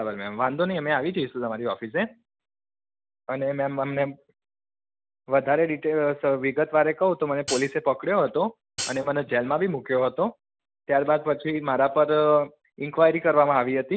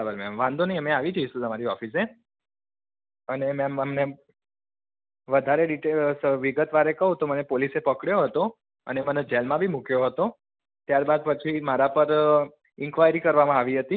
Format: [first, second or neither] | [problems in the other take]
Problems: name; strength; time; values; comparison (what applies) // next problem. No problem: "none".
second | background sound (Hi-hat); 9 dB below the speech